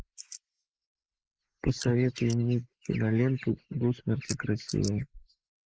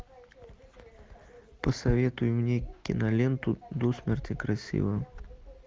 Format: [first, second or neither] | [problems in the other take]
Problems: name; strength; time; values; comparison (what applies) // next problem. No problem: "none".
second | noise reduction (neural mask model Resemble Enhance denoiser)